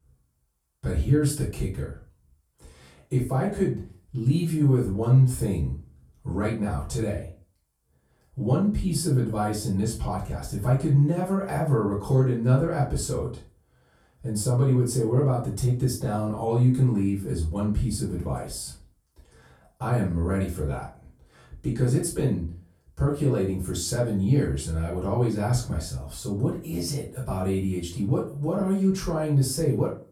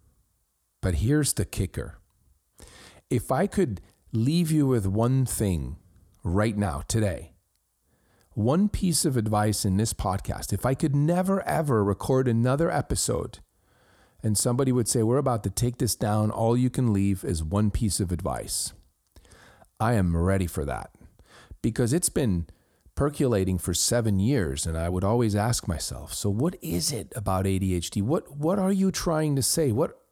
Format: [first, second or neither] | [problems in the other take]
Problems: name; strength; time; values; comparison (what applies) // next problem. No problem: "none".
second | off-mic speech; far // room echo; slight; dies away in 0.3 s